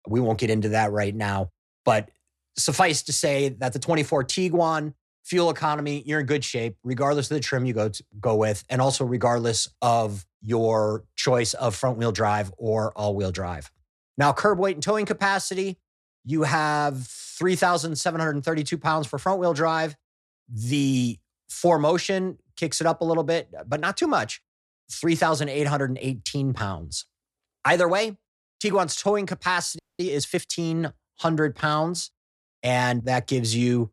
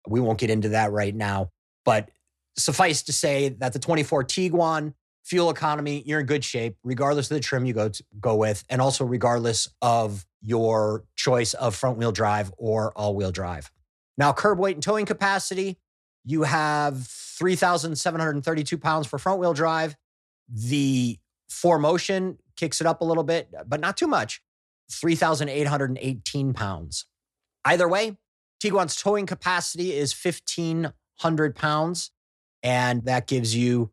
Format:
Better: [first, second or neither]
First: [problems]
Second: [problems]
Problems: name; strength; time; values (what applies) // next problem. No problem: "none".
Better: second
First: audio freezing; at 30 s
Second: none